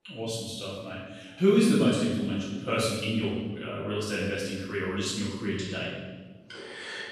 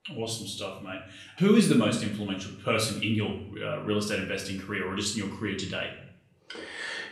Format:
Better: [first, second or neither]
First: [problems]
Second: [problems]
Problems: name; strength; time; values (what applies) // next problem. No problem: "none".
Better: second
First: room echo; strong; dies away in 1.2 s // off-mic speech; far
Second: room echo; slight; dies away in 0.6 s // off-mic speech; far